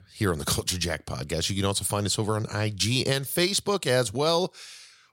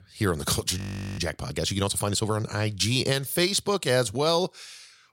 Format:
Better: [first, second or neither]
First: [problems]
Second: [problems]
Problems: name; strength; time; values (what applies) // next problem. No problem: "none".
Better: first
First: none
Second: audio freezing; at 1 s